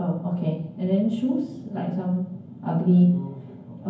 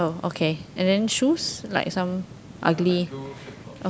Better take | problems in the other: second | room echo; dies away in 0.9 s

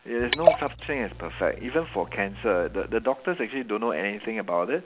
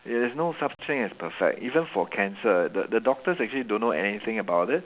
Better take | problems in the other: second | background sound (Liquid); 1 dB below the speech

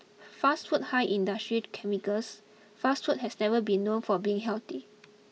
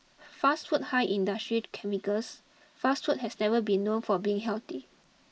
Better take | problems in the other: first | noise reduction (neural mask model Resemble Enhance denoiser)

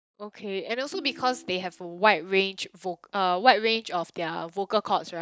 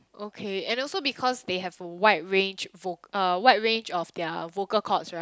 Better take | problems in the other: second | noise reduction (neural mask model DeepFilterNet 3)

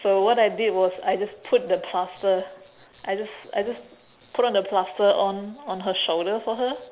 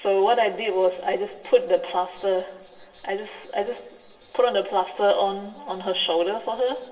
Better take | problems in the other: first | room echo; dies away in 2.9 s

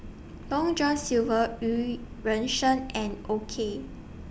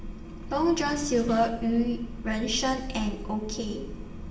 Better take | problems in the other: first | background sound (Snare drum); 17 dB below the speech // room echo; dies away in 1 s

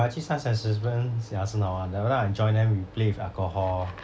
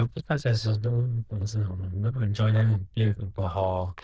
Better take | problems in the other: first | noise reduction (neural diffusion model UNIVERSE++)

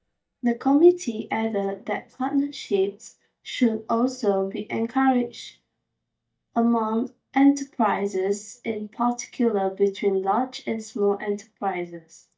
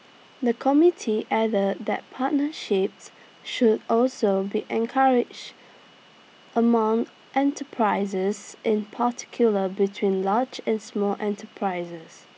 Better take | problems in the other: second | noise reduction (neural mask model DeepFilterNet 3)

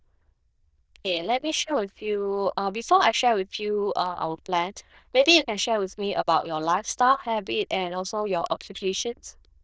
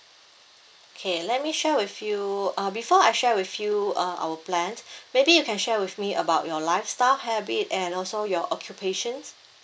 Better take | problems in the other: second | noise reduction (neural diffusion model UNIVERSE++)

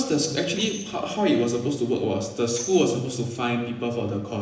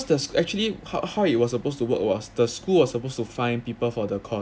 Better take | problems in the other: second | noise reduction (neural separator model SepFormer DNS4)

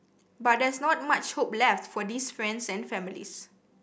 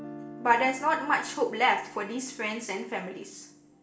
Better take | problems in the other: first | background sound (Guitar); 17 dB below the speech // room echo; dies away in 0.5 s

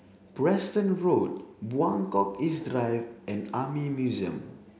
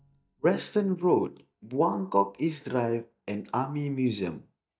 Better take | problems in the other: first | noise reduction (neural mask model DeepFilterNet 3)

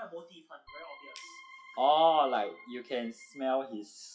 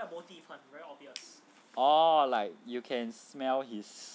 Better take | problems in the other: second | noise reduction (classical method WPE with log-MMSE)

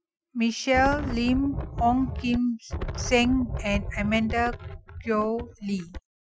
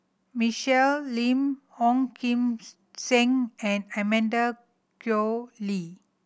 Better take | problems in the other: second | noise reduction (classical method Wiener filter)

